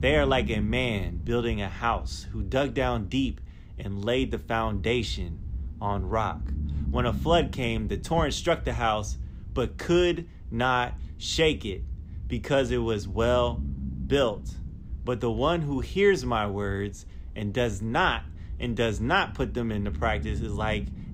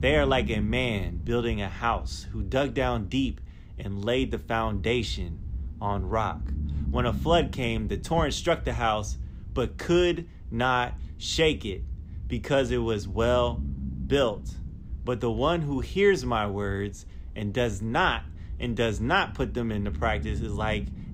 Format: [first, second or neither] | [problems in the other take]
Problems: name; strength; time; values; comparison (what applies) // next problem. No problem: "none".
neither | low rumble; faint; throughout; 20 dB below the speech; the same in both